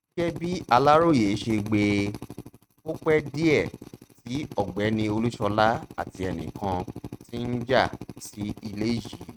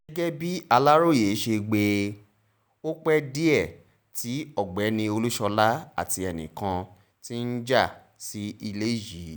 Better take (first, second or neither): second